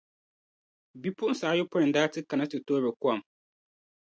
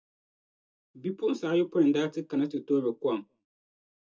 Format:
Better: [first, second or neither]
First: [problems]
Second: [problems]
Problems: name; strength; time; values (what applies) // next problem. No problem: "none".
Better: first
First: none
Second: room echo; dies away in 0.2 s